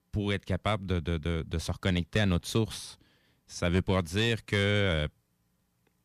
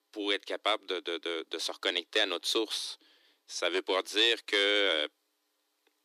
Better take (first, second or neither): first